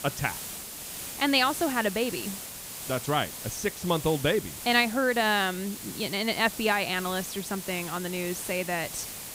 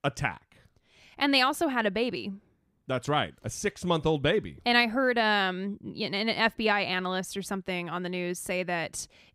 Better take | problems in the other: second | hiss; loud; throughout; 9 dB below the speech

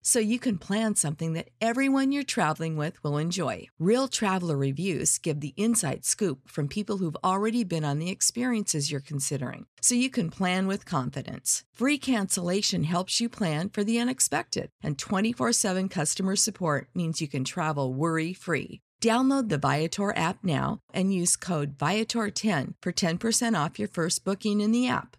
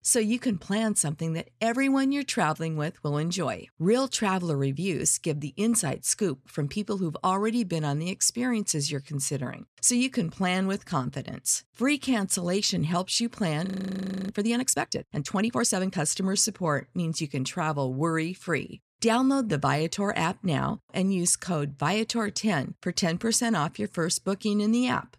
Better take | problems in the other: first | audio freezing; at 14 s for 0.5 s

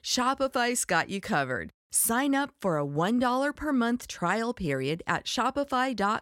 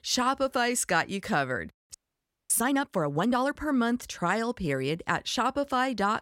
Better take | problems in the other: first | audio freezing; at 2 s for 0.5 s

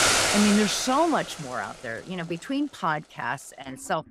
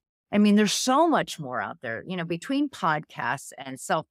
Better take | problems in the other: second | household noises; very loud; throughout; 1 dB above the speech

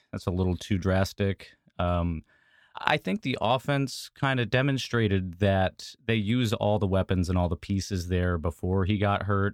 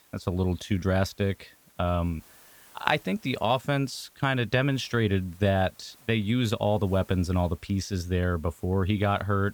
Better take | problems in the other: first | hiss; faint; throughout; 30 dB below the speech

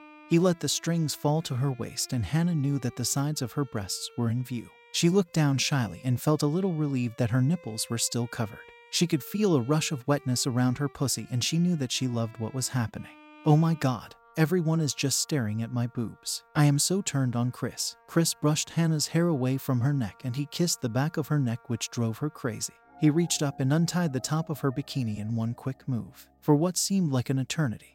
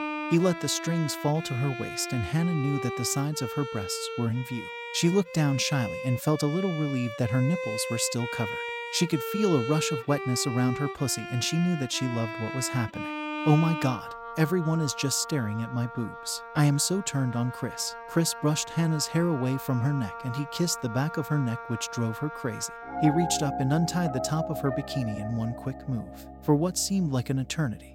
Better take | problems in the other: first | background music; loud; throughout; 8 dB below the speech; faint in the first

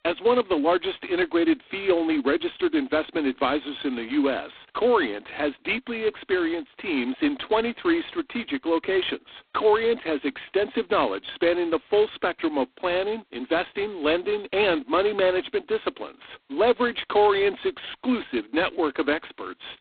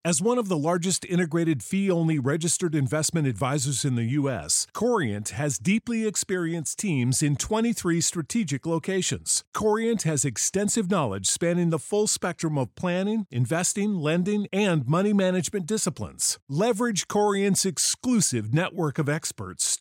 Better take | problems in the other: second | phone-call audio; poor line; nothing above 4 kHz

